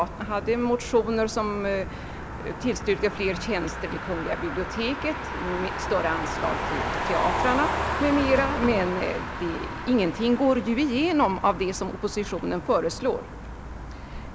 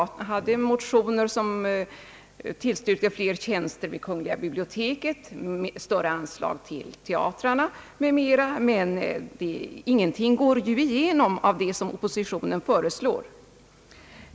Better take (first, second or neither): second